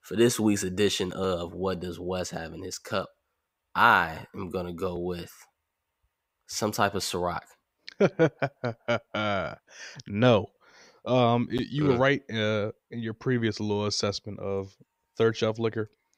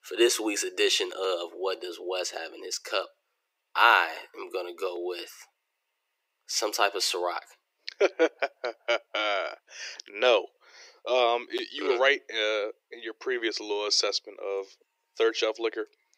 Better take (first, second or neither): first